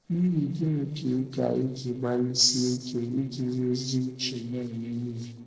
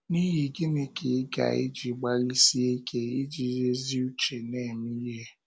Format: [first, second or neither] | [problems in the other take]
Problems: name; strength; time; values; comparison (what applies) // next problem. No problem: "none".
second | noise reduction (neural separator model SepFormer DNS4)